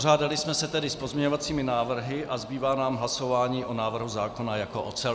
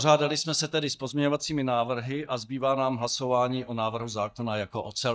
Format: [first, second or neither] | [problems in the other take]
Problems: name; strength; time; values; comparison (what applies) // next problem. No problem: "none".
first | noise reduction (neural mask model DeepFilterNet 3)